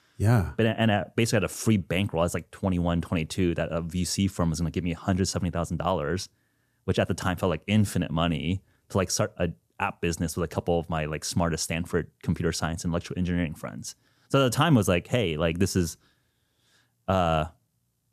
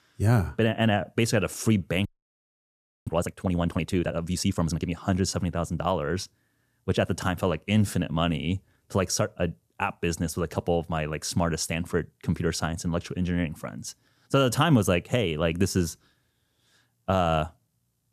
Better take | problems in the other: first | audio freezing; at 2 s for 1 s

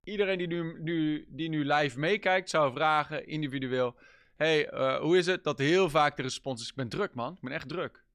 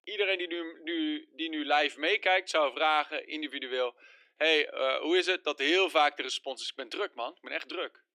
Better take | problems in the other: first | thin; somewhat; fading below 300 Hz

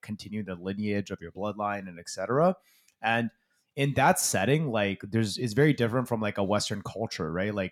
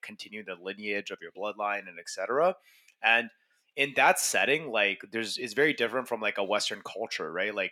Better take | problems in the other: first | thin; somewhat; fading below 400 Hz

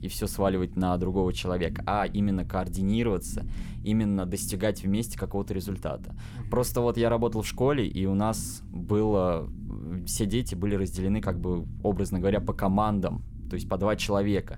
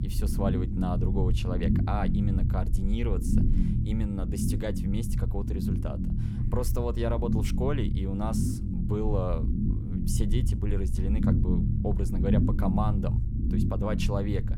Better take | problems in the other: first | low rumble; loud; throughout; 3 dB below the speech; faint in the first

